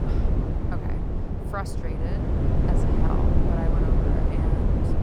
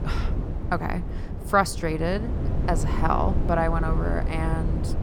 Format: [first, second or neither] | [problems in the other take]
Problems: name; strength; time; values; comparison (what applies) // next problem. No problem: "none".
second | wind noise on the microphone; heavy; 5 dB above the speech; occasional gusts in the second